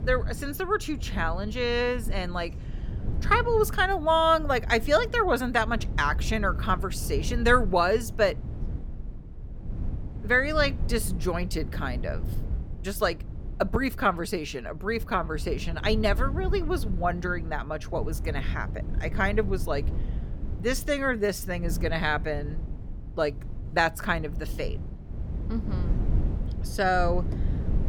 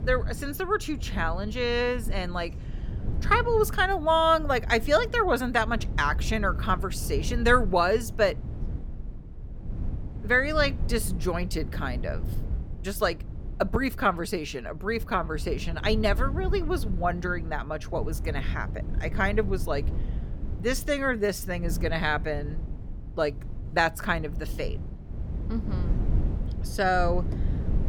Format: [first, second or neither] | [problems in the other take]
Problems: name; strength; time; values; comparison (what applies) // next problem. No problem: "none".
neither | wind noise on the microphone; occasional gusts; 20 dB below the speech; the same in both